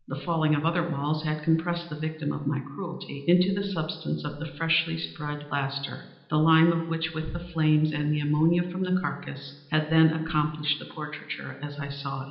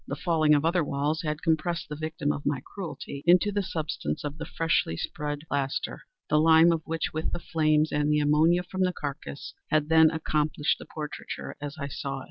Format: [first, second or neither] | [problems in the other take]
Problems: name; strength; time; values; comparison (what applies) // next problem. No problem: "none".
second | room echo; dies away in 0.9 s